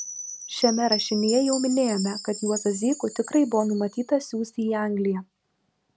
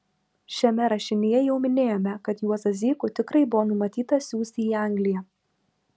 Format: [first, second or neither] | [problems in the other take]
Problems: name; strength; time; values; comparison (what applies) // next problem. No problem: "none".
second | background sound (Chime); 10 dB below the speech